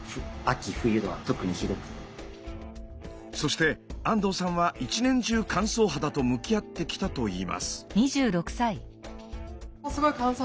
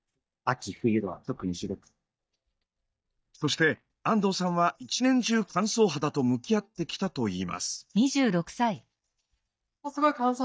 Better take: first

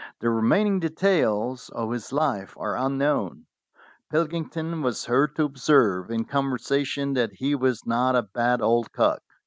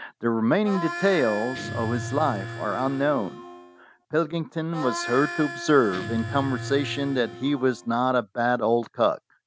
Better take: first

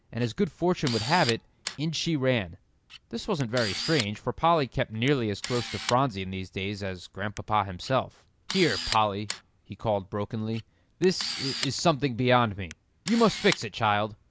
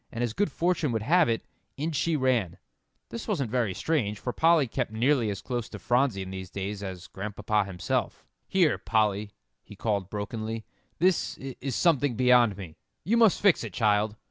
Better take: second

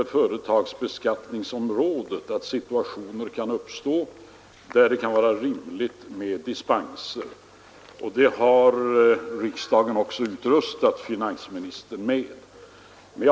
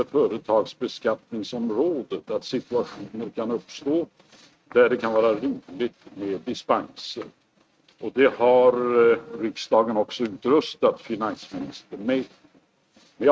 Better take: first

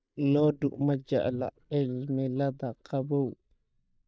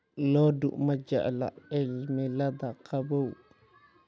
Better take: second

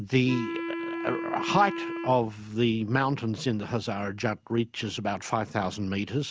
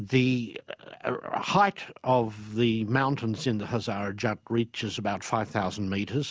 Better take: second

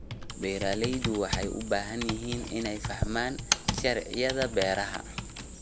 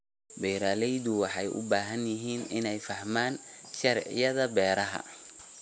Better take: second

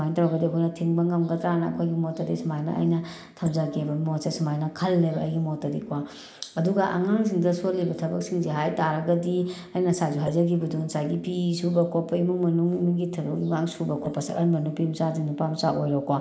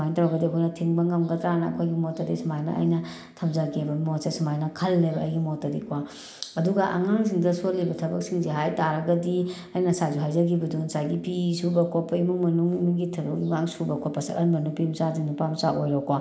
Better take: second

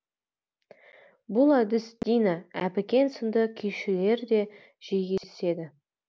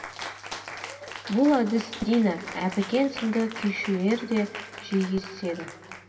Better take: first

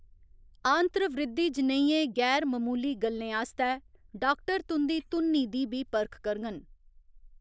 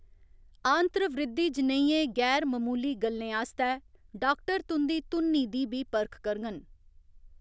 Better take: second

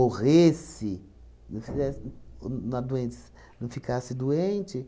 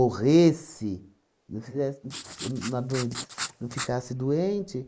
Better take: first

